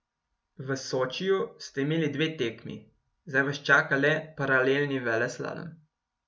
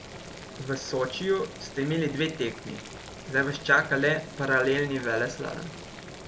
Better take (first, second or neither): first